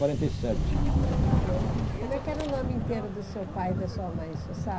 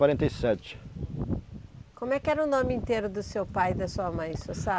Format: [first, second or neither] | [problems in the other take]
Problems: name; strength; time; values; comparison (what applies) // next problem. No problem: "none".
second | background sound (Subway, metro, underground); 1 dB above the speech // room echo; dies away in 0.5 s